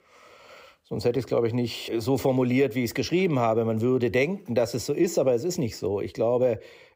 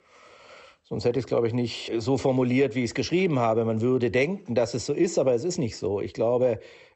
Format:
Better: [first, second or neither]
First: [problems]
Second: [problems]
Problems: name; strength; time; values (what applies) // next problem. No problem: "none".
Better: first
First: none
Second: garbled, watery; slightly; nothing above 8 kHz